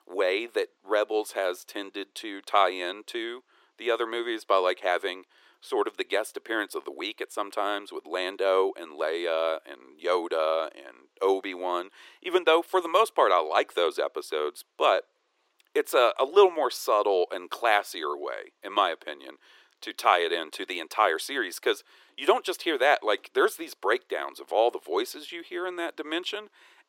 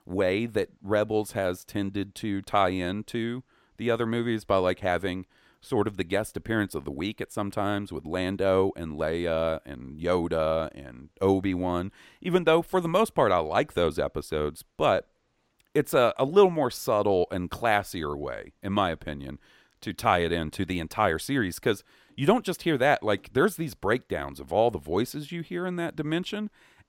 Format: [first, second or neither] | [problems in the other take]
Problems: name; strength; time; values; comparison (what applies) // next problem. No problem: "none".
second | thin; very; fading below 350 Hz